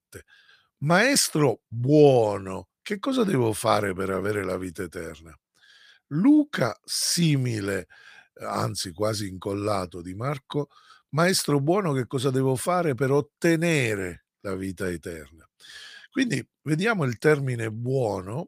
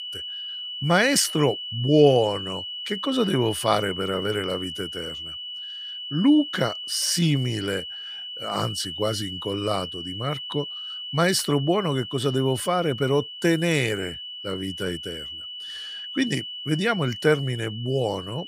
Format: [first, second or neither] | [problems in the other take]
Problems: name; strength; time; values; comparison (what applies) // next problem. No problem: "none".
first | high-pitched whine; loud; throughout; 3 kHz, 8 dB below the speech